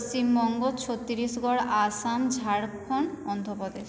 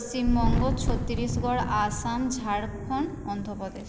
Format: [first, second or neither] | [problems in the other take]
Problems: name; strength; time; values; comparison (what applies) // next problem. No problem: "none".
first | background sound (Thunder); 1 dB below the speech